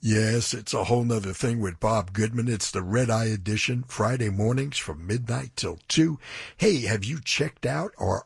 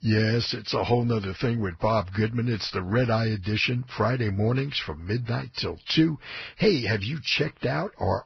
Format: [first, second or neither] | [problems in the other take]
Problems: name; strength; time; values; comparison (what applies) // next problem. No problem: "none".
first | garbled, watery; badly; nothing above 5.5 kHz; slightly in the first